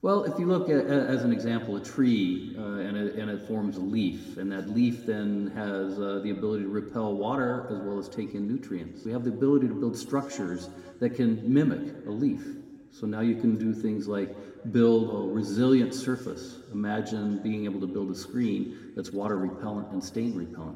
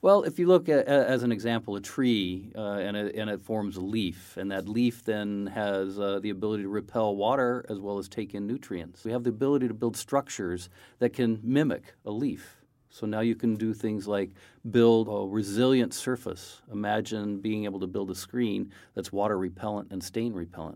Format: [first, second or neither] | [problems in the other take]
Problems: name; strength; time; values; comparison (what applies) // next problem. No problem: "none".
second | room echo; slight; dies away in 1.7 s // off-mic speech; somewhat distant